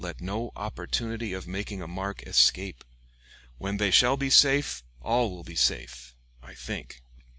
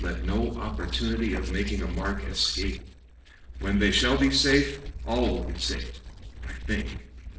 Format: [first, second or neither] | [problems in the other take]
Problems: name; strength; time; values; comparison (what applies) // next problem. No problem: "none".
first | noise reduction (neural separator model SepFormer DNS4)